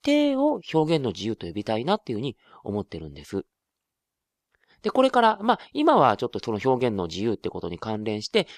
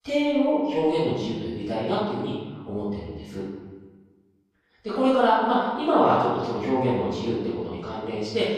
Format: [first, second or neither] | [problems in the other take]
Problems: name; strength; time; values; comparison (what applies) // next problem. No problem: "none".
first | off-mic speech; far // room echo; strong; dies away in 1.2 s